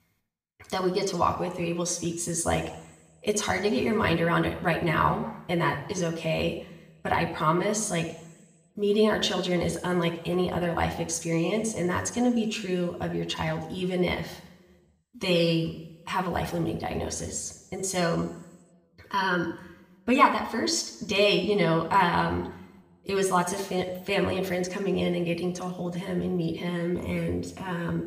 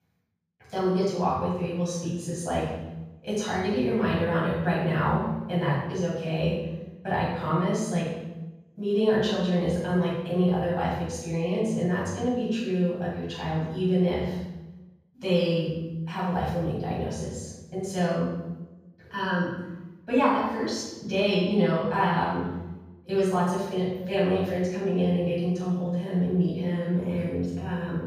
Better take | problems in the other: first | room echo; strong; dies away in 1.2 s; slight in the first // off-mic speech; far; somewhat distant in the first

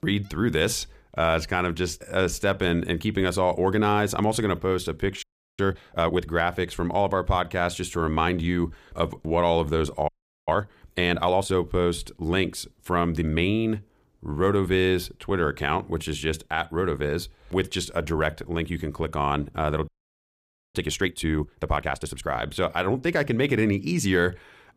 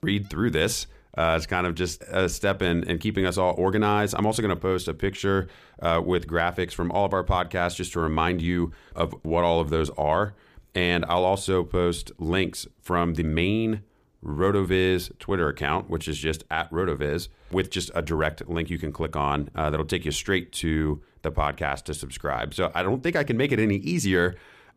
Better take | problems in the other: second | audio freezing; at 5 s, at 10 s and at 20 s for 1 s

